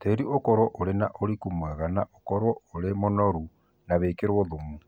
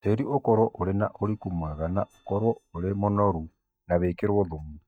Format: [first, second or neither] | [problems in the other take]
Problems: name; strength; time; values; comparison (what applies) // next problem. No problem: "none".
first | noise reduction (neural mask model DeepFilterNet 3)